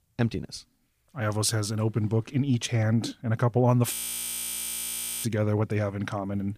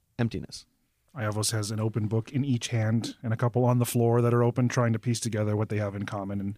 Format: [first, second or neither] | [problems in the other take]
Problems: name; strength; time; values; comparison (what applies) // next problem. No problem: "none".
second | audio freezing; at 4 s for 1.5 s